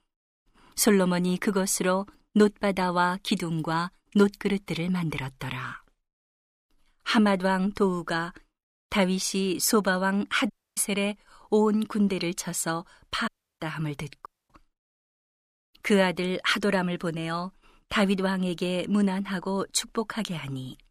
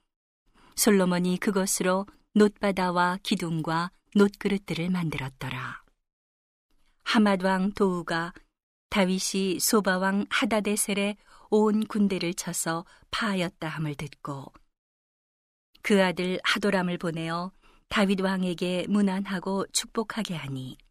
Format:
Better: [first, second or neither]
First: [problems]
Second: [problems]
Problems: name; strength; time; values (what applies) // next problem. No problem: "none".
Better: second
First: audio cutting out; at 11 s, at 13 s and at 14 s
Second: none